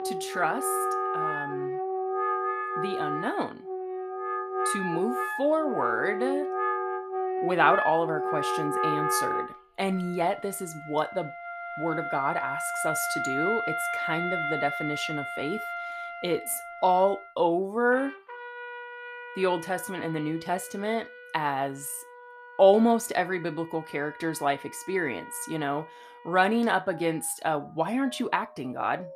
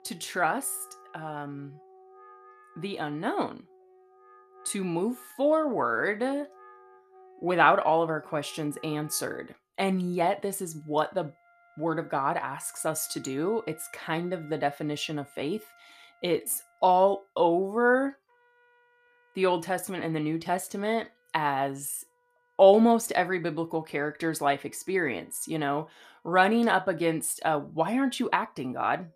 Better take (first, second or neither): second